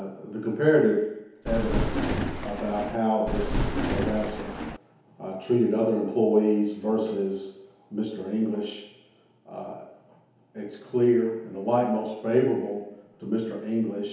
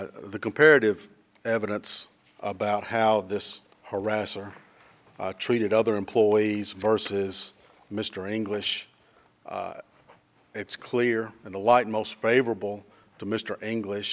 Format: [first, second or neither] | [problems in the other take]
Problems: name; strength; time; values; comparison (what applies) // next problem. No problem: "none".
second | background sound (Thunder); 1 dB below the speech // room echo; dies away in 1 s